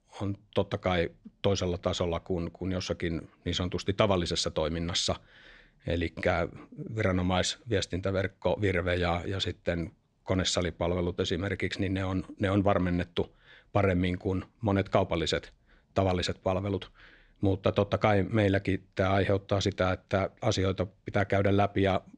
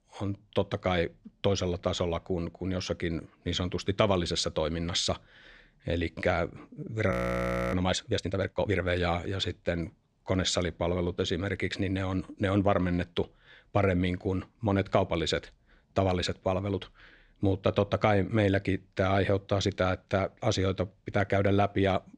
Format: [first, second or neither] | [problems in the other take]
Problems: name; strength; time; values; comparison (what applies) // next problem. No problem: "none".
first | audio freezing; at 7 s for 0.5 s